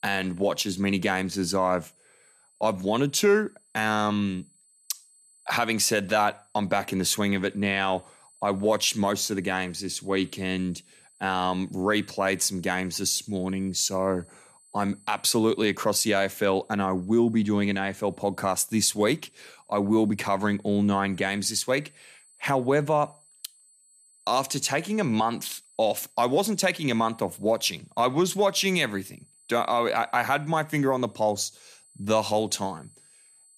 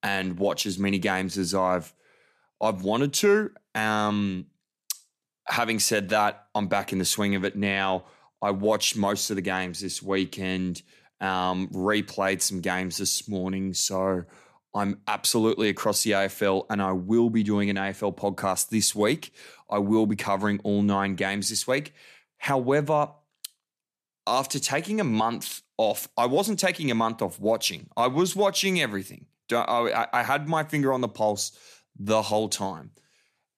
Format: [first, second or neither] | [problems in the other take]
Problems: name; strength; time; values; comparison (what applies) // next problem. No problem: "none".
second | high-pitched whine; faint; throughout; 8 kHz, 30 dB below the speech